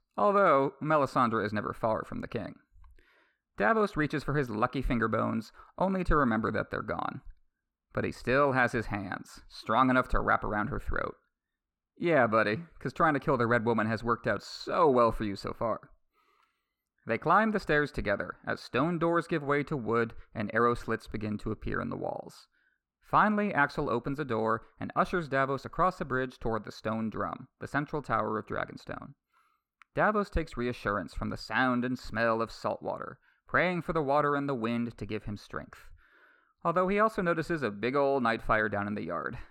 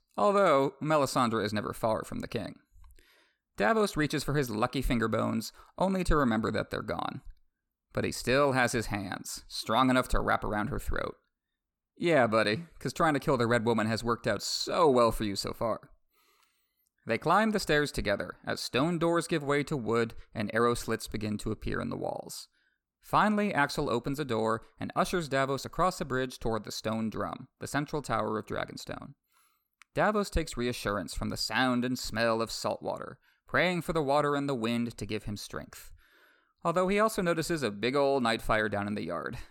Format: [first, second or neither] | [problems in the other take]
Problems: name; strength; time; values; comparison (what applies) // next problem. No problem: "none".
second | muffled; slightly; fading above 4 kHz